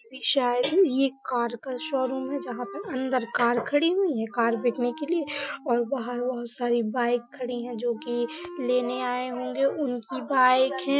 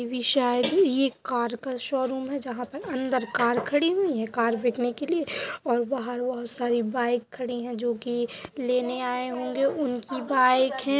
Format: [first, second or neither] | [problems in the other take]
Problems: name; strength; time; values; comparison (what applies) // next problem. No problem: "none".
second | noise reduction (classical method Wiener filter)